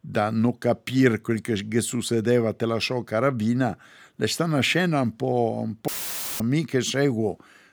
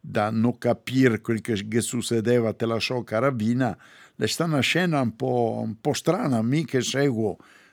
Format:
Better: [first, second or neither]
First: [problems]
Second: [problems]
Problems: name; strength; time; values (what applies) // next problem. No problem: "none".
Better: second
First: audio cutting out; filled with static; at 6 s for 0.5 s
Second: none